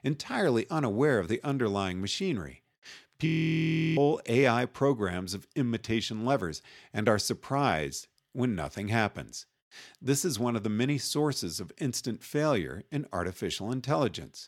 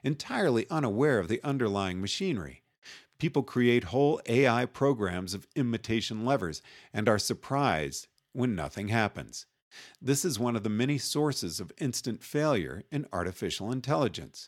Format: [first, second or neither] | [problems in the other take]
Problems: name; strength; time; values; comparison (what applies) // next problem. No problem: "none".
second | audio freezing; at 3.5 s for 0.5 s